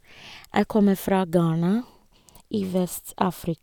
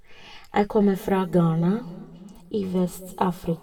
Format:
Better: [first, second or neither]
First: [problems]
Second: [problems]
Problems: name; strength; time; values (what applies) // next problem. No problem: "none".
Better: first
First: none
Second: room echo; dies away in 1.5 s